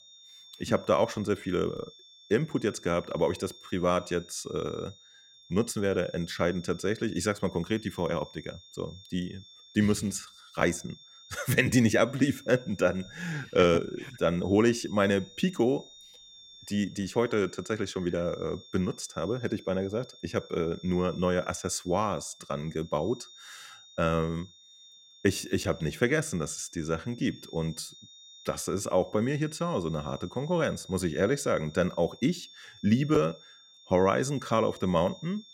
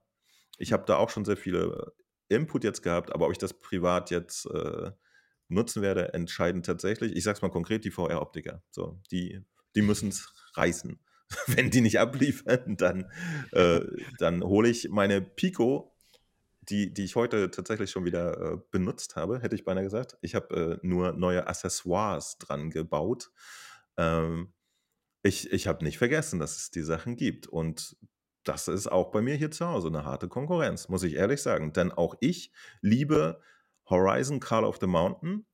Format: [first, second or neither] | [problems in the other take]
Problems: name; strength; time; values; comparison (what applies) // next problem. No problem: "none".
second | high-pitched whine; faint; throughout; 3.5 kHz, 20 dB below the speech